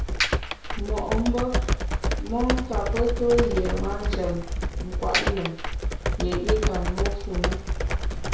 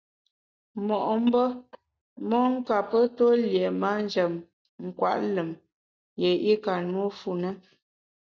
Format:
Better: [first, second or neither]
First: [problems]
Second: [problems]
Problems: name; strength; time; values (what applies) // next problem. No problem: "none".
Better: second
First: background sound (Computer keyboard); 3 dB above the speech // room echo; dies away in 0.6 s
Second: none